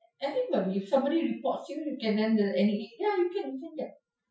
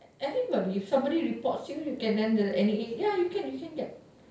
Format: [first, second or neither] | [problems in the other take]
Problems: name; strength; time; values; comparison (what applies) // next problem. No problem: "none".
second | noise reduction (classical method Wiener filter)